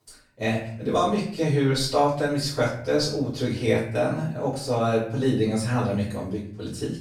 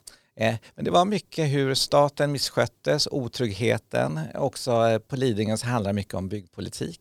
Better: second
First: off-mic speech; far // room echo; noticeable; dies away in 0.6 s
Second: none

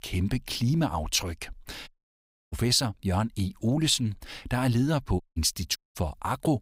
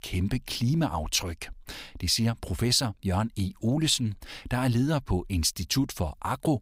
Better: second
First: audio cutting out; at 2 s for 0.5 s, at 5 s and at 6 s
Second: none

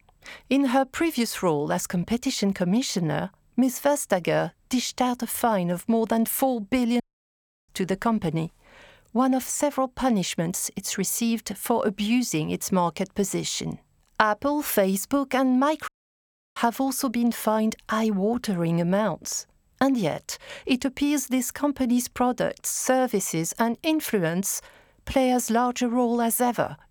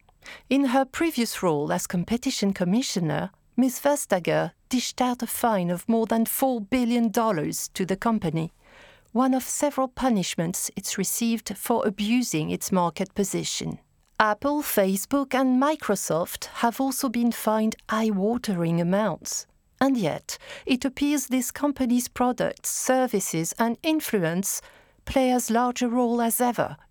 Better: second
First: audio cutting out; at 7 s for 0.5 s and at 16 s for 0.5 s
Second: none

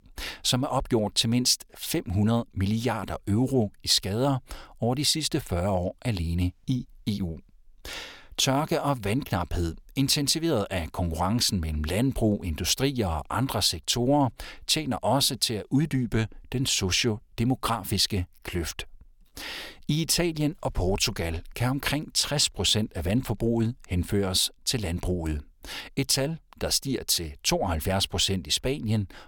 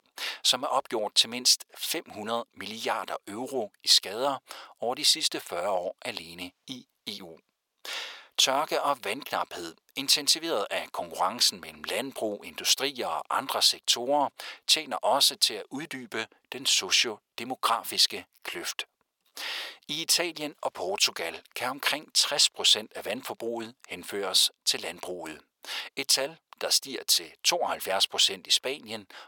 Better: first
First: none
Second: thin; very; fading below 600 Hz

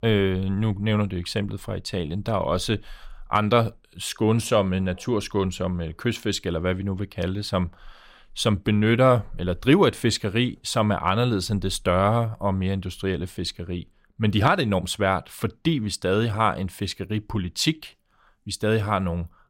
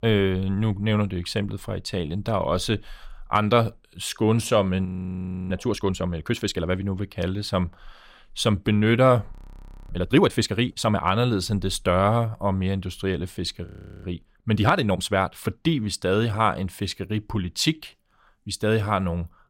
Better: first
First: none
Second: audio freezing; at 5 s for 0.5 s, at 9.5 s for 0.5 s and at 14 s

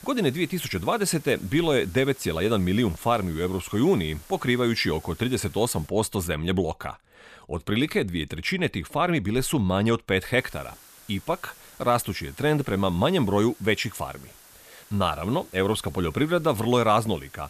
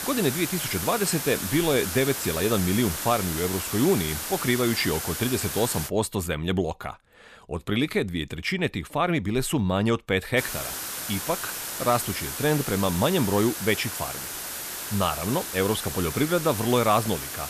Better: first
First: hiss; faint; until 6 s and from 10 s on; 25 dB below the speech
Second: hiss; loud; until 6 s and from 10 s on; 5 dB below the speech

